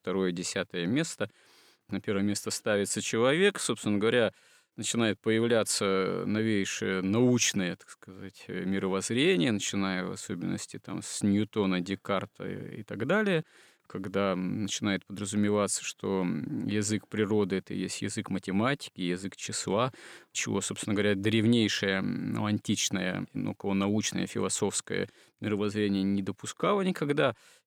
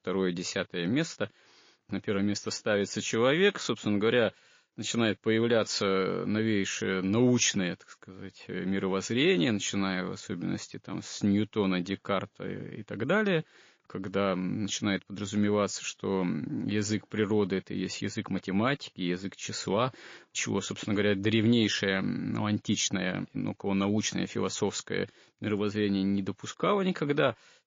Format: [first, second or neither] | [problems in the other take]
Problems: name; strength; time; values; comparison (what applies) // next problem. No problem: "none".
first | garbled, watery; slightly